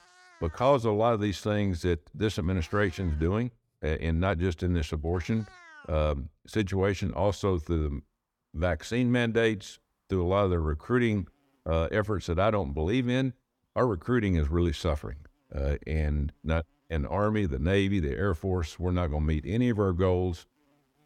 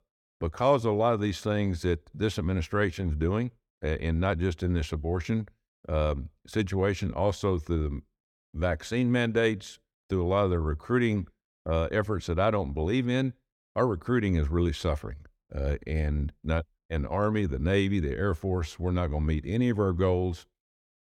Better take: second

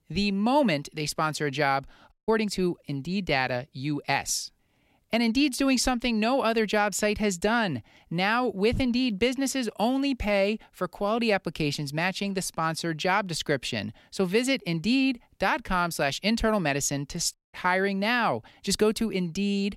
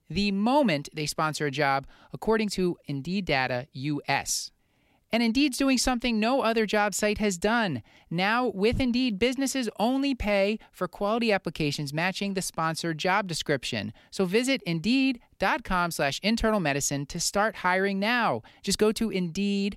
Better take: second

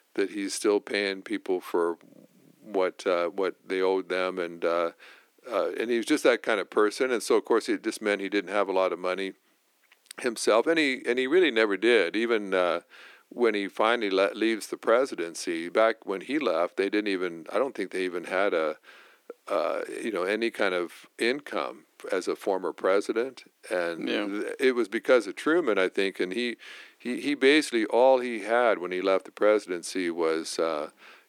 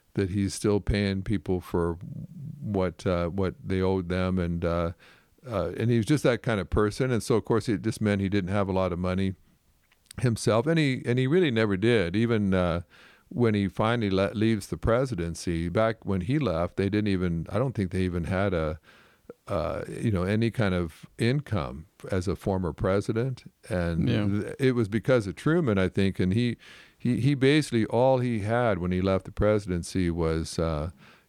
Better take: second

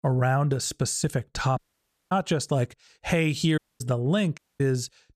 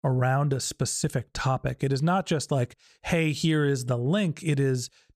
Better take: second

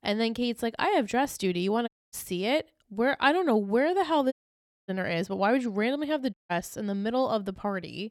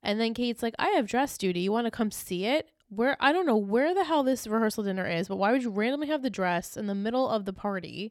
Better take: second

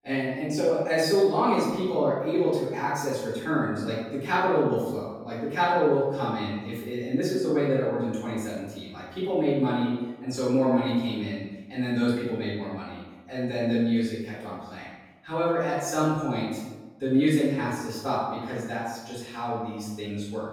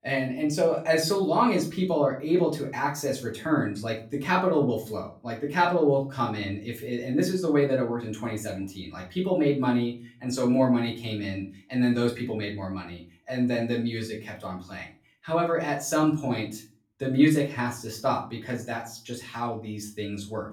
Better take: second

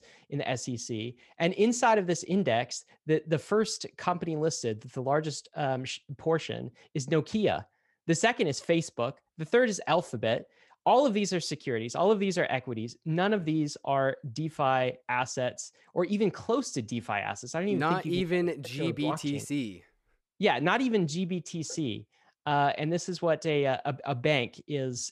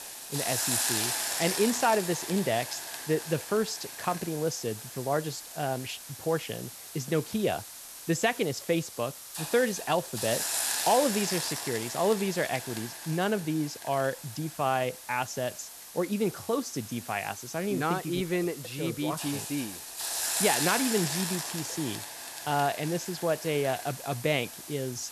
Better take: first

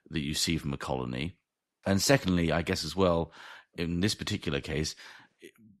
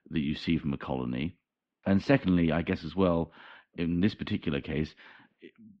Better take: first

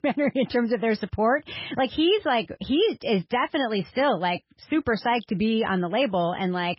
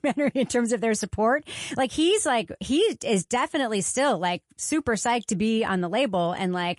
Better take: second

